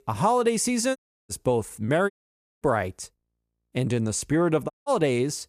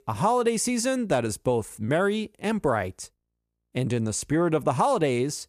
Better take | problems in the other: second | audio cutting out; at 1 s, at 2 s for 0.5 s and at 4.5 s

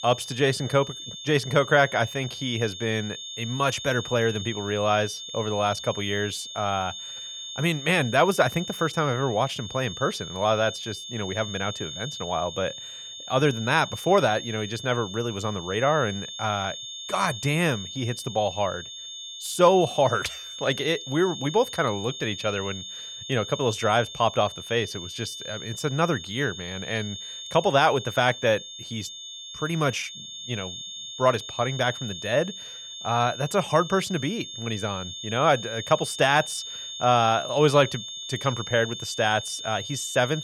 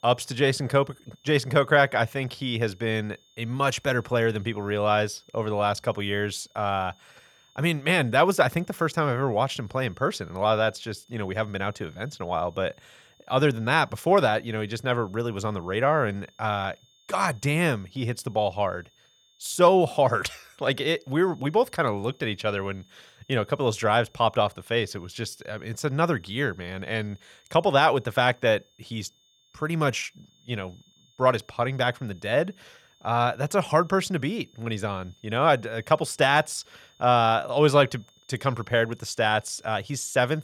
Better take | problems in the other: second | high-pitched whine; loud; throughout; 3.5 kHz, 10 dB below the speech; faint in the second

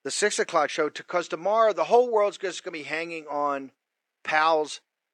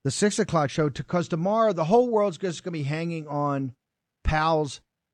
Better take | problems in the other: second | thin; very; fading below 400 Hz

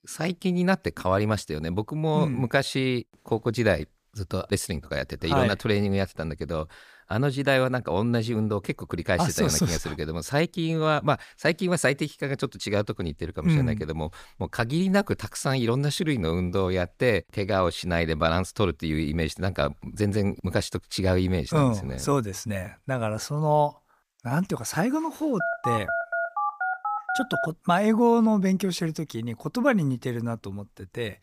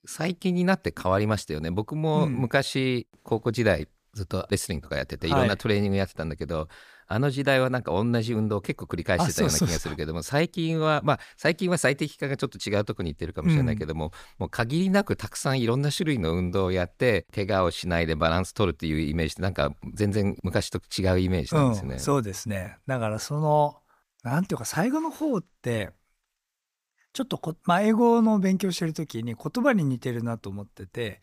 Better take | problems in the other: second | phone ringing; noticeable; from 25 to 27 s; peak 1 dB below the speech

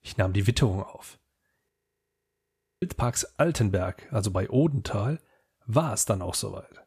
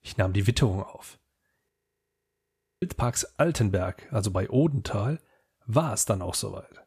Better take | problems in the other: neither | audio freezing; at 1.5 s for 1 s; the same in both

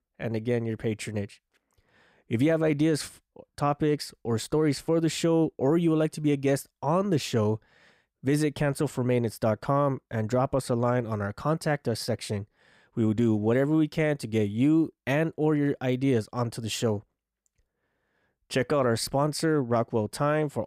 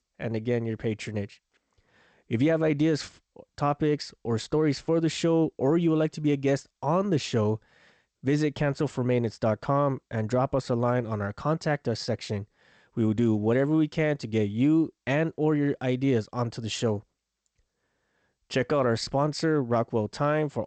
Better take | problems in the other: first | garbled, watery; slightly; nothing above 8 kHz

